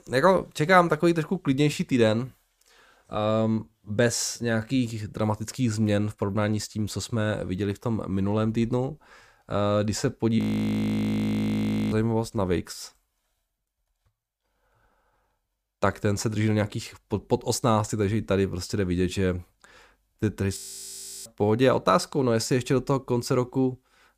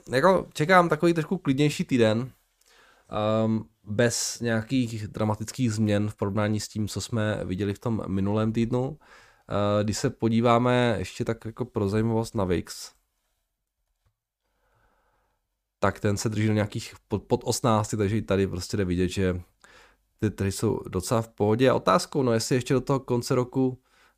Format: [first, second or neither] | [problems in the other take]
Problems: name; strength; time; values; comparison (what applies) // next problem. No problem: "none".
second | audio freezing; at 10 s for 1.5 s and at 21 s for 0.5 s